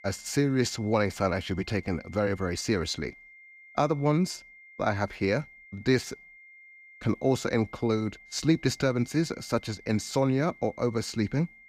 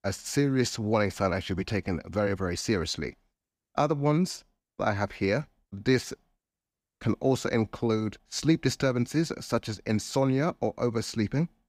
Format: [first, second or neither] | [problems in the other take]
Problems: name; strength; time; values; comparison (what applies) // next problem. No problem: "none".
second | high-pitched whine; faint; throughout; 2 kHz, 20 dB below the speech